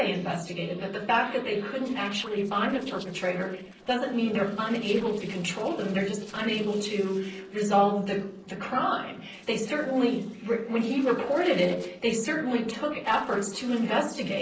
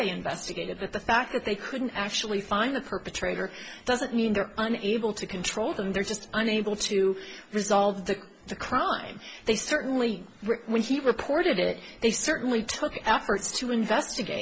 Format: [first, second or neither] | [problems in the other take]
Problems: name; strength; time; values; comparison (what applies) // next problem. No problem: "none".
second | noise reduction (neural separator model SepFormer DNS4)